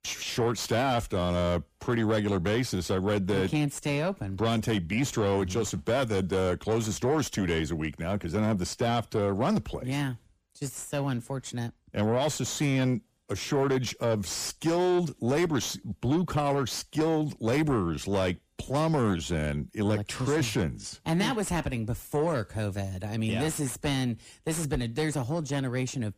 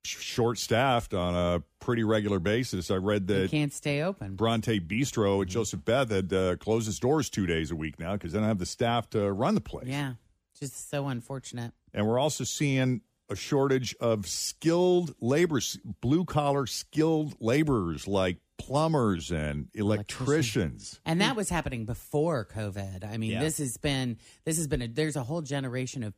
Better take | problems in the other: second | distortion; slight; 10 dB below the speech

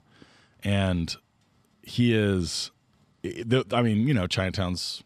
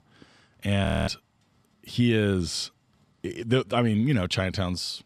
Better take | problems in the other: first | audio freezing; at 1 s

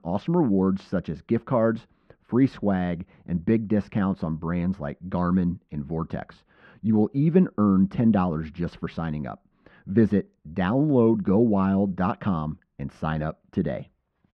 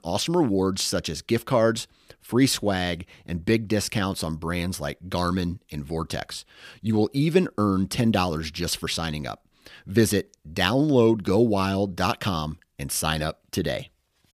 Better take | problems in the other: second | muffled; very; fading above 1.5 kHz

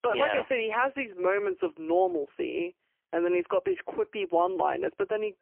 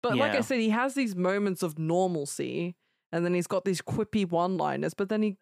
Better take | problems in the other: second | phone-call audio; poor line; nothing above 3 kHz

